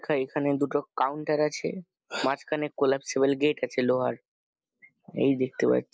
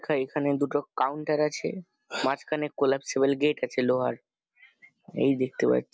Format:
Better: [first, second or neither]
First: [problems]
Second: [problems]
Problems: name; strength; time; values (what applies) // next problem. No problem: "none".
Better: second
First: noise reduction (neural mask model Resemble Enhance denoiser)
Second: none